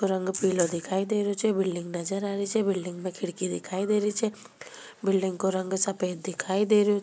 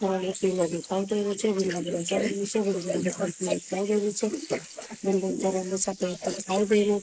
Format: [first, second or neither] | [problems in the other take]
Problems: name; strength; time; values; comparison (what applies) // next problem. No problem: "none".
first | noise reduction (neural mask model Resemble Enhance denoiser)